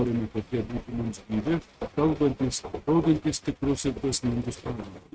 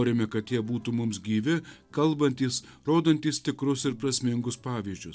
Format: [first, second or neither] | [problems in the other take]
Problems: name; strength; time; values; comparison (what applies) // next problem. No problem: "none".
second | noise reduction (neural mask model RNNoise)